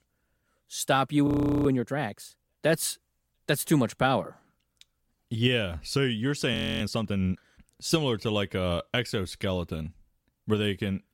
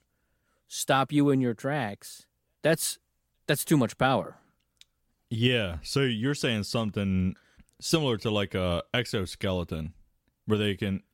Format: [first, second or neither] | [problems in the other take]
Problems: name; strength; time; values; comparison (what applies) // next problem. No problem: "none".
second | audio freezing; at 1.5 s and at 6.5 s